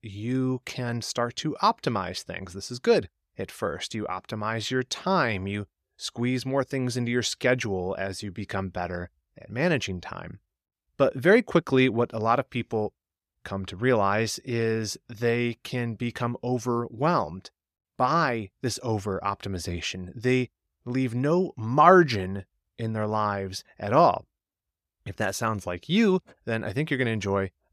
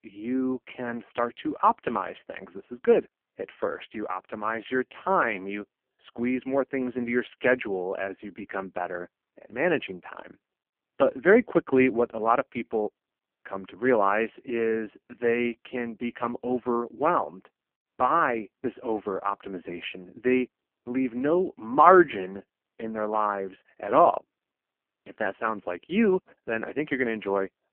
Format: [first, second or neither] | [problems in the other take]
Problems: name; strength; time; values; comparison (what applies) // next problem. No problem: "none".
first | phone-call audio; poor line